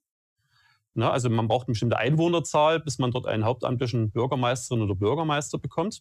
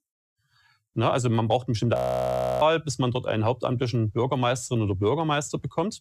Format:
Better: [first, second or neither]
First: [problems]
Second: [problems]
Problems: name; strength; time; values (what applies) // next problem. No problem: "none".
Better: first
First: none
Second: audio freezing; at 2 s for 0.5 s